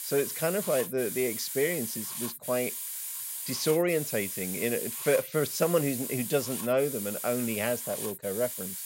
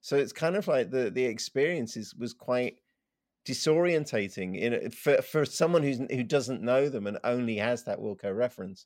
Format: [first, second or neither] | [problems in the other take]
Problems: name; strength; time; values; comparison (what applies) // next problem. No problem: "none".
second | hiss; loud; throughout; 4 dB below the speech